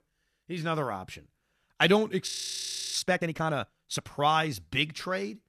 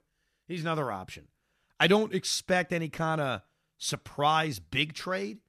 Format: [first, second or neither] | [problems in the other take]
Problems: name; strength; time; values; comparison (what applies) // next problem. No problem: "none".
second | audio freezing; at 2.5 s for 0.5 s